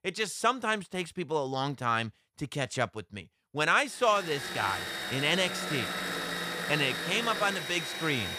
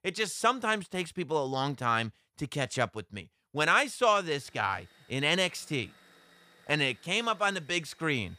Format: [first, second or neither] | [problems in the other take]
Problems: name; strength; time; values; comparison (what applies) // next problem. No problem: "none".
second | machinery noise; loud; from 4 s on; 4 dB below the speech; faint in the second